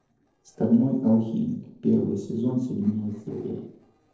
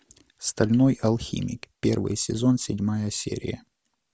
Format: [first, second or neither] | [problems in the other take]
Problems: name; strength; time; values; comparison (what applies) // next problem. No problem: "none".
second | noise reduction (neural separator model SepFormer DNS4)